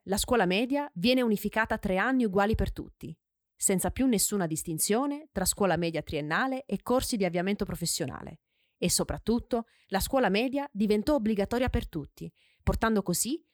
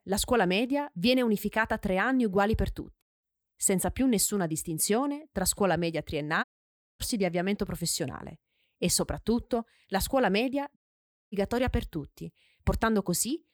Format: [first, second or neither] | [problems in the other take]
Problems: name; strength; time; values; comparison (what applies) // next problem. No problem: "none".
first | audio cutting out; at 3 s, at 6.5 s for 0.5 s and at 11 s for 0.5 s